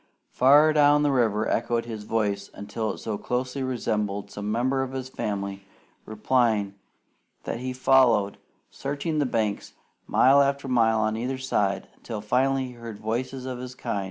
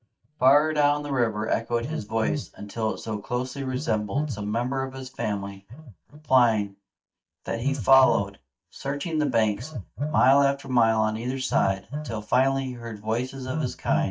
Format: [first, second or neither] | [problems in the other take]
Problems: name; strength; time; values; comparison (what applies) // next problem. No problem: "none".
first | noise reduction (neural mask model DeepFilterNet 3)